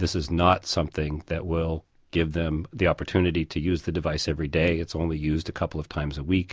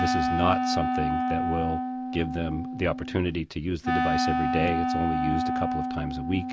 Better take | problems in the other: first | background sound (Wind instrument, woodwind instrument); 2 dB above the speech

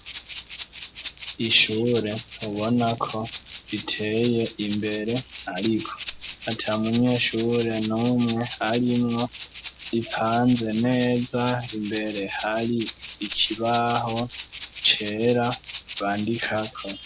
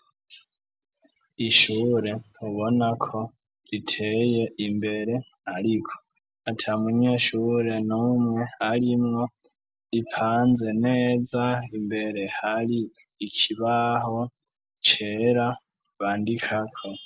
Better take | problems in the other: second | background sound (Rattle (instrument)); 14 dB below the speech

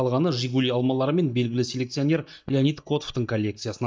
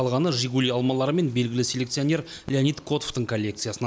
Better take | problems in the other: second | noise reduction (neural mask model DeepFilterNet 3)

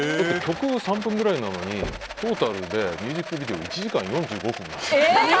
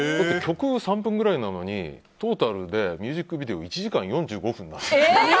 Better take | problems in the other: second | background sound (Knock / Wood + Rattle); 11 dB below the speech

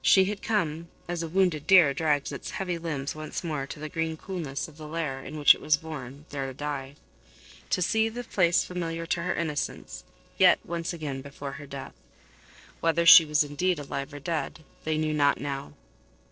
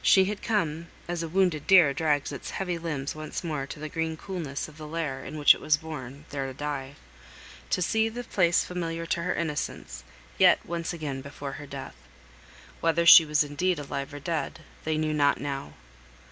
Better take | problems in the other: second | noise reduction (neural separator model SepFormer DNS4)

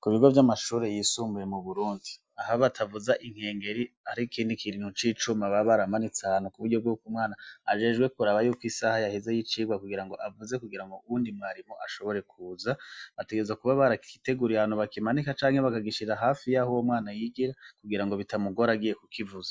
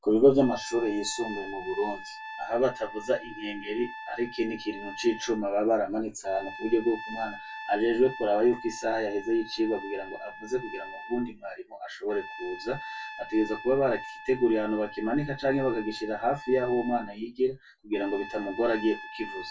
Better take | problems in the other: first | background sound (Trumpet); 14 dB below the speech // room echo; dies away in 0.1 s

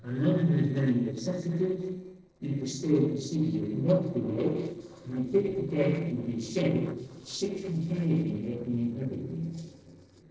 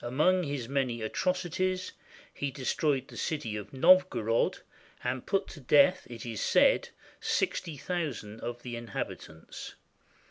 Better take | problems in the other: second | noise reduction (neural separator model SepFormer DNS4)

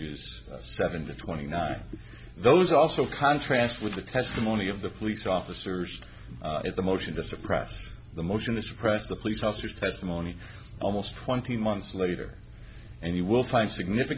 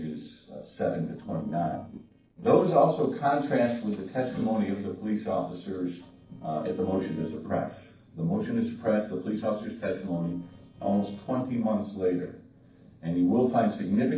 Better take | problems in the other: first | noise reduction (neural separator model SepFormer DNS4)

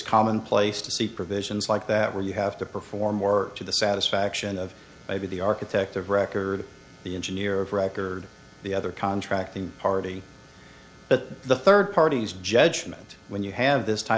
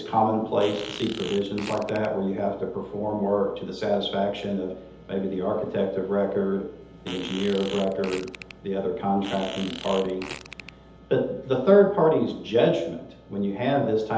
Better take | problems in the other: first | background sound (Fart); 14 dB below the speech // room echo; dies away in 0.8 s

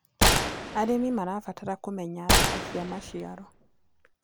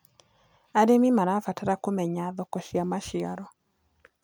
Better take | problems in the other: second | background sound (Gunshot, gunfire); 5 dB above the speech

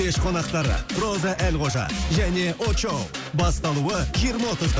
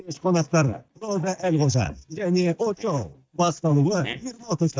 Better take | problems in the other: first | noise reduction (neural mask model DeepFilterNet 3)

